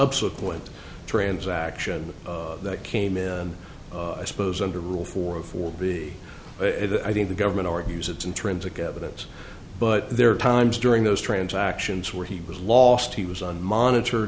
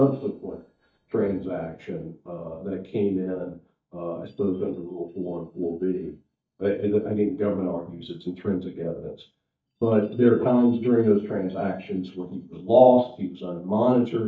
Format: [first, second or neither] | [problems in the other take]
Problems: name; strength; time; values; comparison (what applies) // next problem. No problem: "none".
first | noise reduction (neural mask model DeepFilterNet 3)